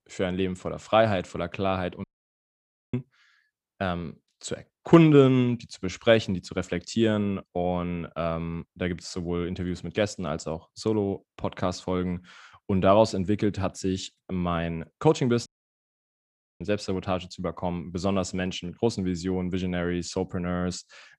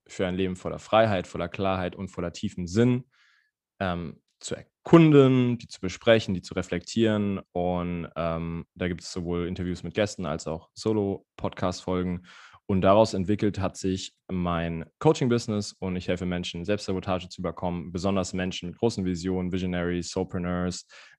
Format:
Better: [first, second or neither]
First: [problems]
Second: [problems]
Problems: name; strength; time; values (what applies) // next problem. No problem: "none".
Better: second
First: audio cutting out; at 2 s for 1 s and at 15 s for 1 s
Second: none